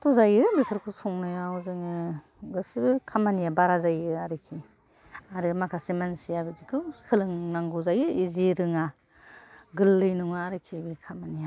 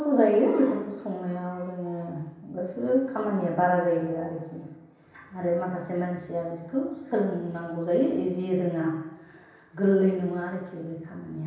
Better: first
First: none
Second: room echo; dies away in 0.9 s

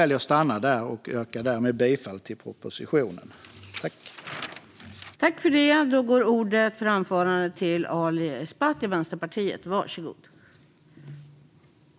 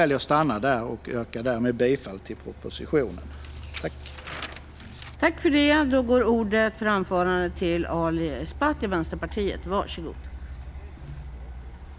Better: first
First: none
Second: background sound (Truck); 14 dB below the speech

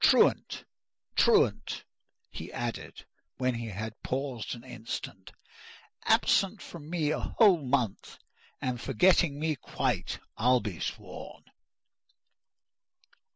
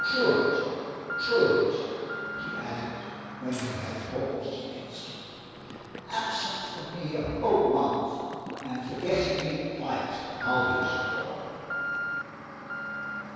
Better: first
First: none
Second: background sound (Alarm); 6 dB below the speech // room echo; dies away in 2.2 s

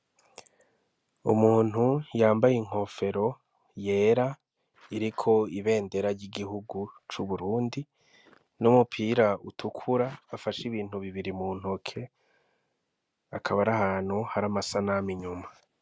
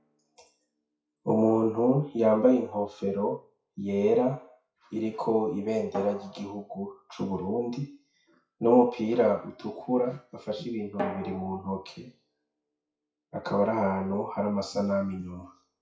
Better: first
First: none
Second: noise reduction (classical method WPE with log-MMSE)

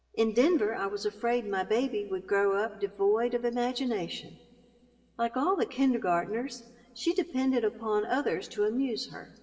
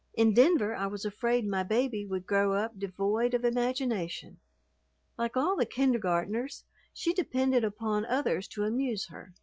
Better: second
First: room echo; dies away in 2.3 s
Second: none

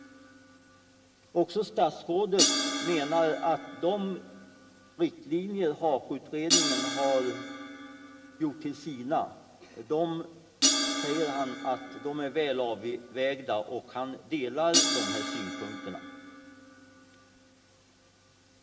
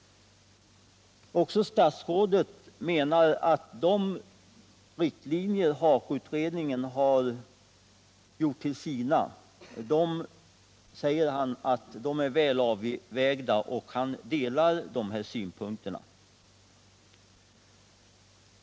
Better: second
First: background sound (Crash cymbal); 3 dB below the speech // room echo; dies away in 1.4 s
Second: none

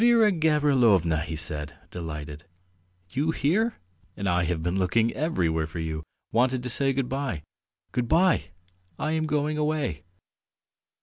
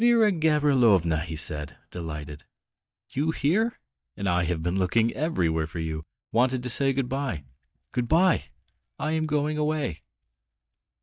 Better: first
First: none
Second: noise reduction (neural mask model DeepFilterNet 3)

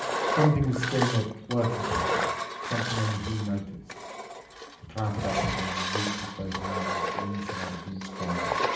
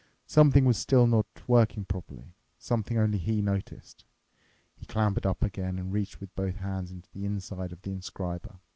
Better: second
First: background sound (Engine); 1 dB below the speech // room echo; dies away in 0.6 s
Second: none

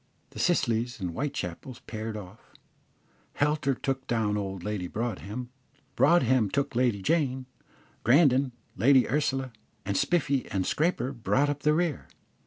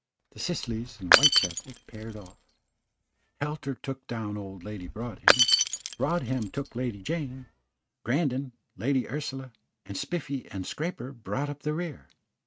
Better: first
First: none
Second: noise reduction (neural mask model RNNoise)

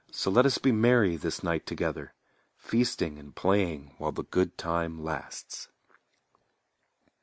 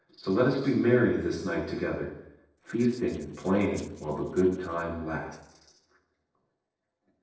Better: first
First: none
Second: noise reduction (neural separator model SepFormer DNS4)

